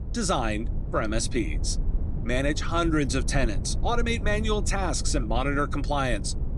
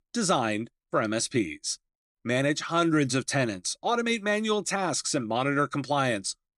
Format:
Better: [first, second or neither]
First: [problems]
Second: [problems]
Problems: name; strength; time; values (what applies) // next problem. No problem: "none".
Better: second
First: low rumble; noticeable; throughout; 15 dB below the speech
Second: none